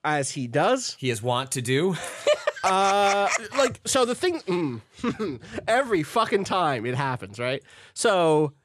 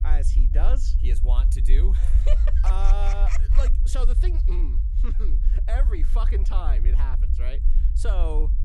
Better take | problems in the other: first | low rumble; loud; throughout; 8 dB below the speech

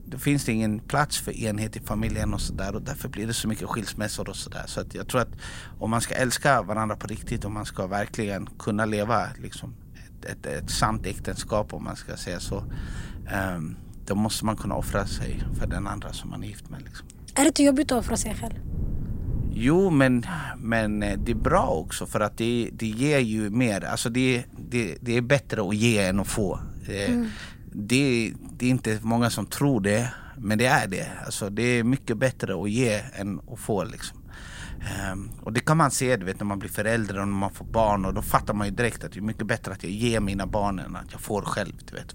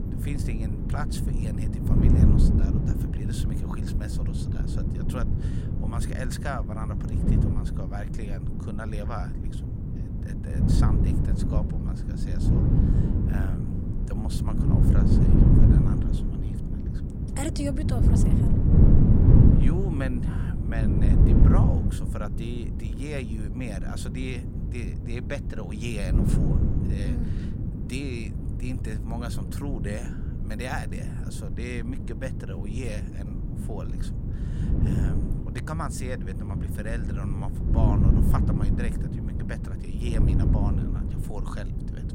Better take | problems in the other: first | wind noise on the microphone; heavy; 2 dB above the speech; occasional gusts in the first

